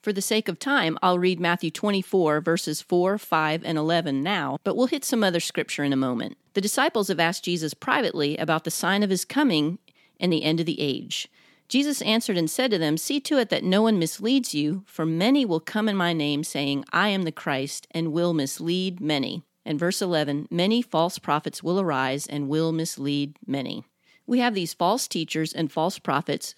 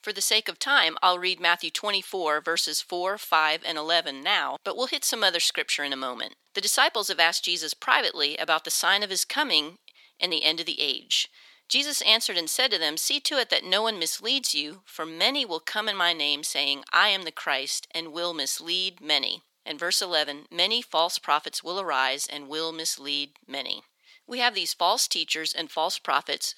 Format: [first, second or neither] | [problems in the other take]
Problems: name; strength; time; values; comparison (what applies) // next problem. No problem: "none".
first | thin; very; fading below 750 Hz